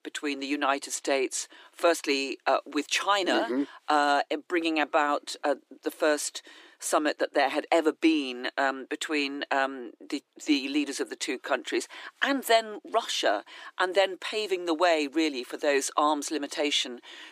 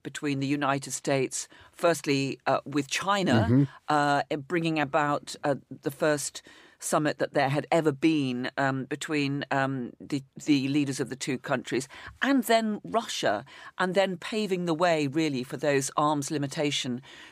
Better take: second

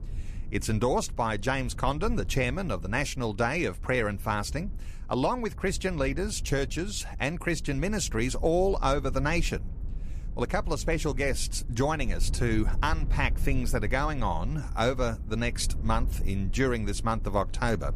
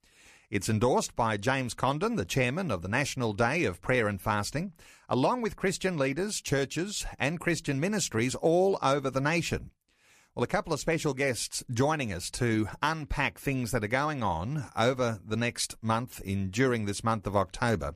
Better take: second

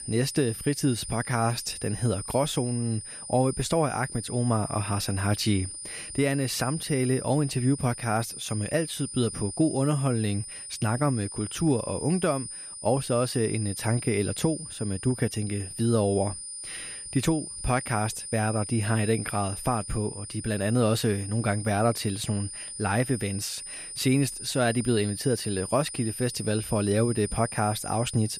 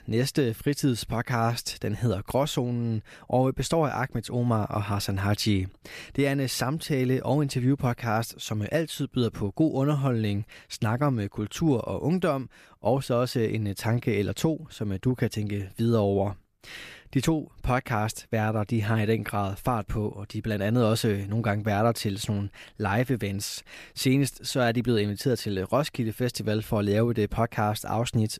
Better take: second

